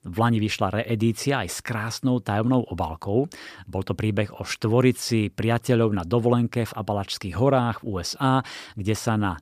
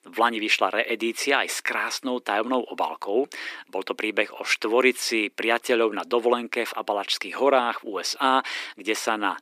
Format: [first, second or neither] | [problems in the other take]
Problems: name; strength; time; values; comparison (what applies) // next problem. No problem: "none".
first | thin; somewhat; fading below 300 Hz